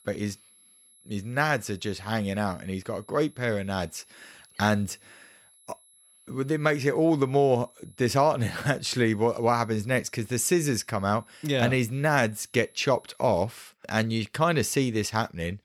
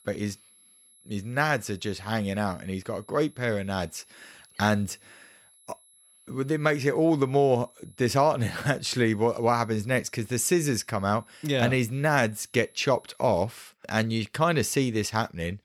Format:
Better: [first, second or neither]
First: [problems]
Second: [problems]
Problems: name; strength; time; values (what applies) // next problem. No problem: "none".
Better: neither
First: high-pitched whine; faint; until 13 s; 11 kHz, 30 dB below the speech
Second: high-pitched whine; faint; until 13 s; 11 kHz, 30 dB below the speech